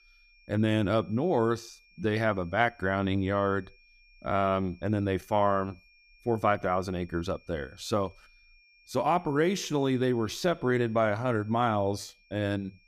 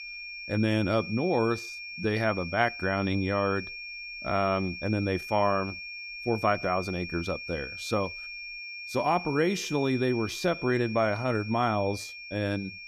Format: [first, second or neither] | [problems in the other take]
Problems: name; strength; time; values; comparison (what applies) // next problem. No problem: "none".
first | high-pitched whine; loud; throughout; 2.5 kHz, 9 dB below the speech; faint in the first